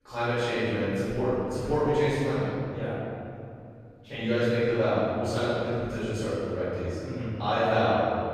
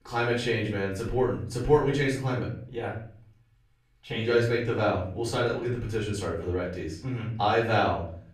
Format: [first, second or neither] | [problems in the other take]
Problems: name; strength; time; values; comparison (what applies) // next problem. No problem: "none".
second | room echo; strong; dies away in 2.6 s; slight in the second // off-mic speech; far; far in the second